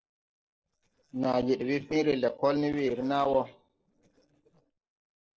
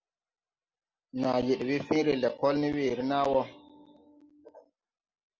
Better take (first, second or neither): second